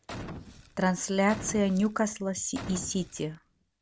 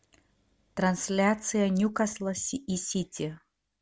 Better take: second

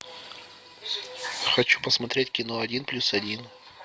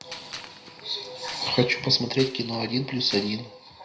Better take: first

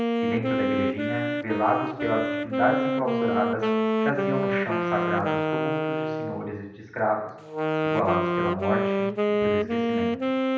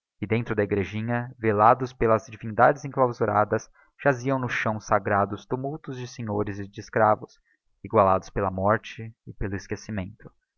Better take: second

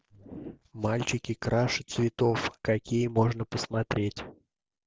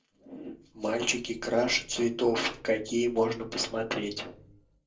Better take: first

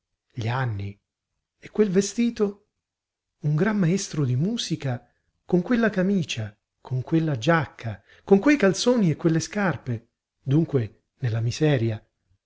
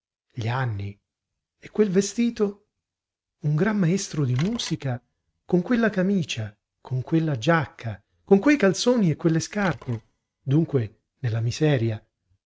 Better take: first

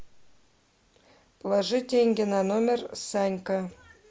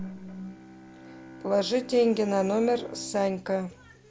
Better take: first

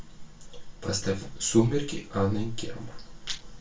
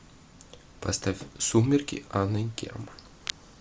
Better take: second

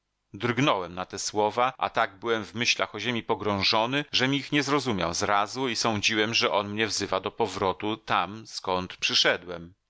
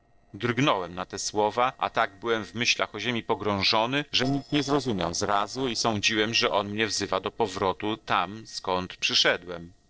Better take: first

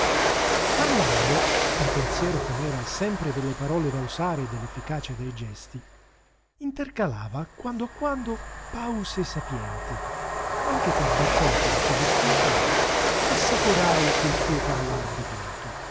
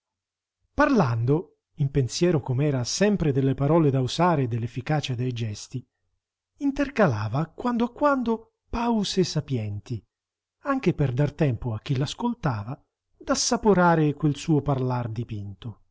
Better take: second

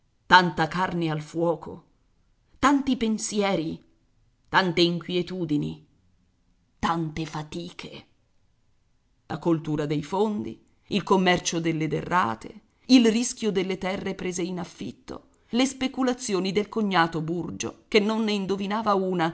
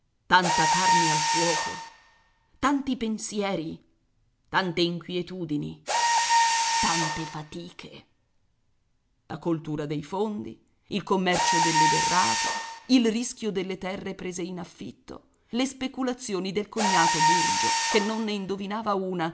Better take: first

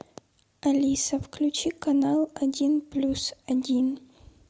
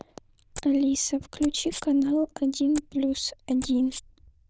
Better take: first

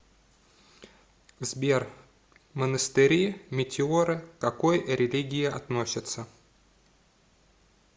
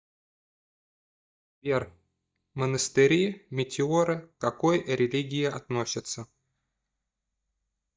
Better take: first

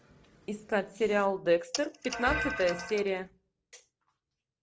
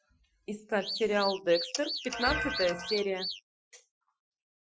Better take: first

